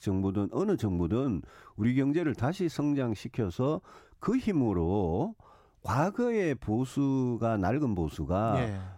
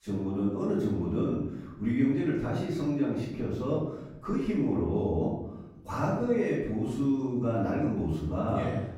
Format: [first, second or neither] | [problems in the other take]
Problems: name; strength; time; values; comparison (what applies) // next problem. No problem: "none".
first | off-mic speech; far // room echo; noticeable; dies away in 0.8 s